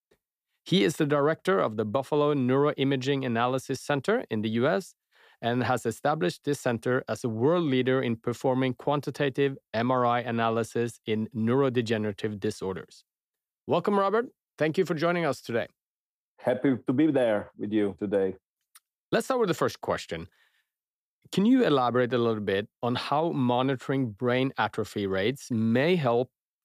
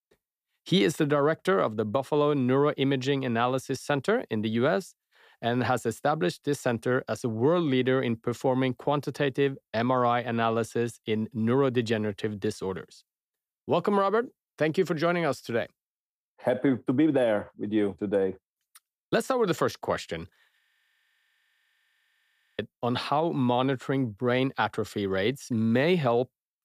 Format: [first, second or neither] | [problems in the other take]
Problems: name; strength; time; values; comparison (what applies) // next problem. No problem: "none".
first | audio freezing; at 21 s for 2 s